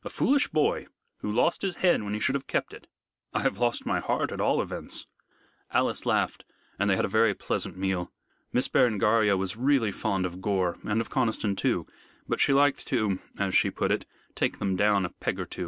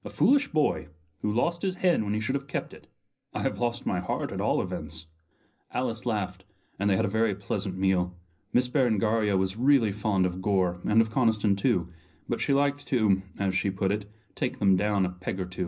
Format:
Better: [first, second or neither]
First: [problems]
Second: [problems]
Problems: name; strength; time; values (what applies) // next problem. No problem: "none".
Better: first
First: none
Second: room echo; dies away in 0.5 s